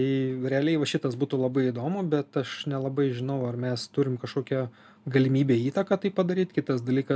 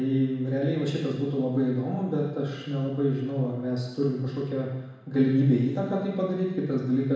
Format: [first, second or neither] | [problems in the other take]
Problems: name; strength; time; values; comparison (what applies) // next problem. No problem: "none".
first | room echo; dies away in 1.1 s